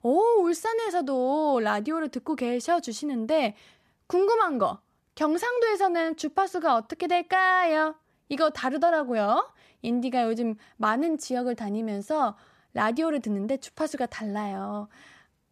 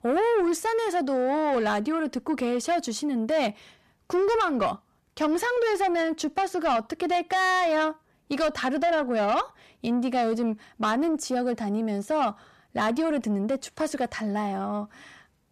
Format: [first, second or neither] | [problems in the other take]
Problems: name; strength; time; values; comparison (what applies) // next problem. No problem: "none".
first | distortion; slight; 10 dB below the speech